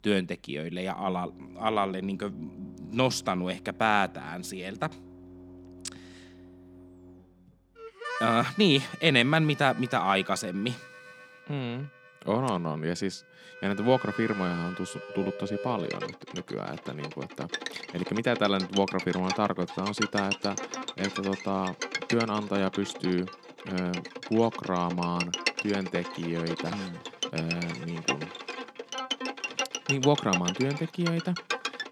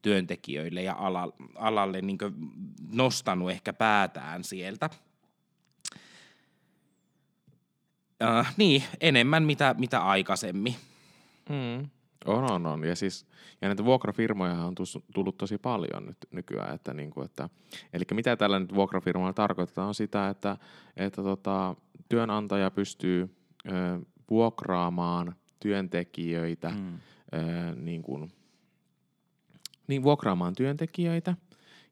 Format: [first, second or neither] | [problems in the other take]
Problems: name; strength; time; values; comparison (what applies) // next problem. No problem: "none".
second | background music; loud; throughout; 6 dB below the speech